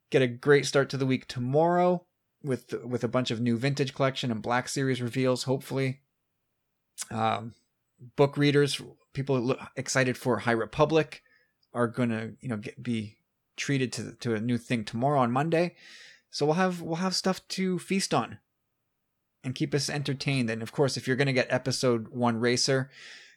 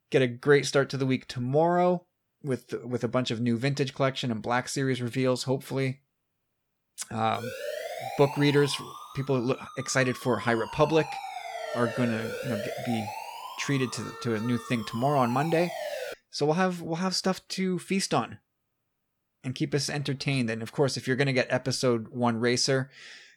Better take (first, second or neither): first